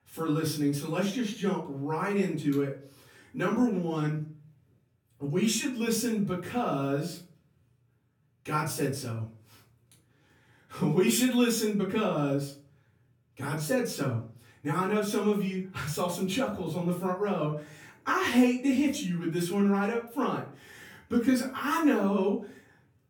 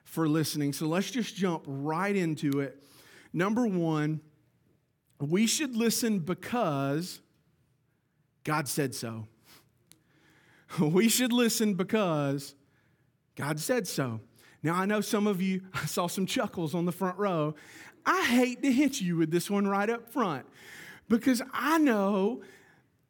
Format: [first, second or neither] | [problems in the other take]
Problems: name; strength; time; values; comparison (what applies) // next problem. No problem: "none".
second | off-mic speech; far // room echo; slight; dies away in 0.3 s